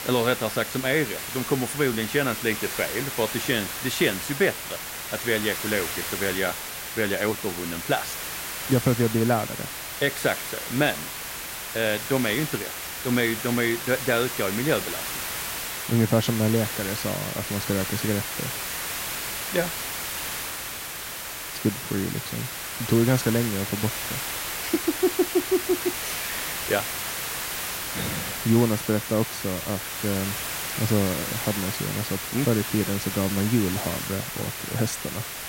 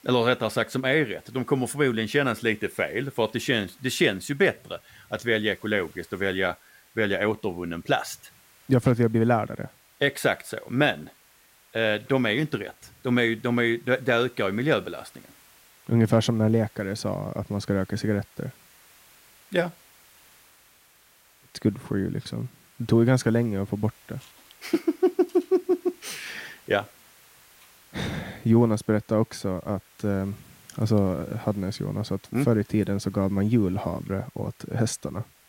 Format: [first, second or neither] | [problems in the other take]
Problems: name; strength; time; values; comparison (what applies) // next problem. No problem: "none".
second | hiss; loud; throughout; 4 dB below the speech; faint in the second